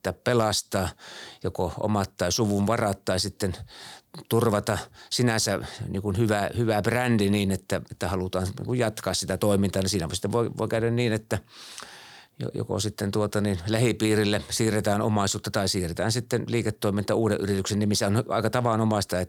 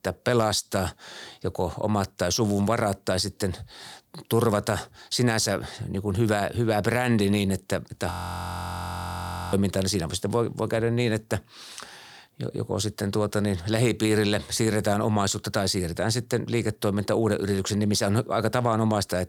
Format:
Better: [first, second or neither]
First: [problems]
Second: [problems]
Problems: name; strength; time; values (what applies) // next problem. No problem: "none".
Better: first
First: none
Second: audio freezing; at 8 s for 1.5 s